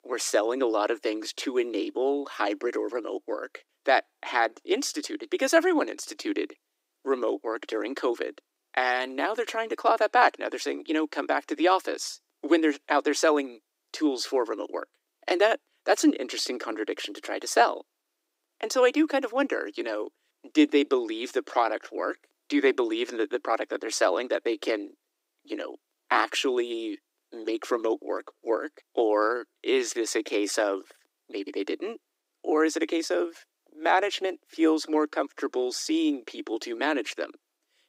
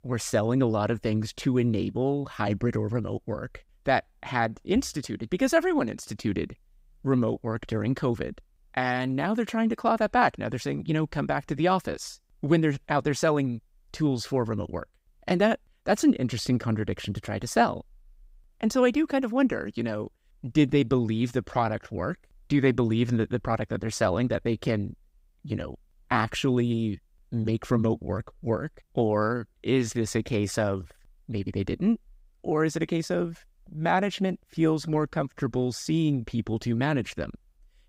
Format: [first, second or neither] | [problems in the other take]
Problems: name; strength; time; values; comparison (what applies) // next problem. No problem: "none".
second | thin; somewhat; fading below 300 Hz